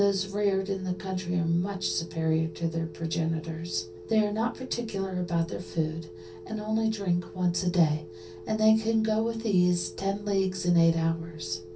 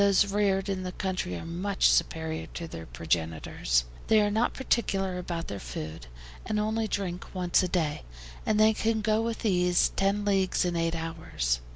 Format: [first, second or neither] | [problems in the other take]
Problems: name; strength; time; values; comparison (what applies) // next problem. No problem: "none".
second | background sound (Telephone); 16 dB below the speech // room echo; dies away in 0.3 s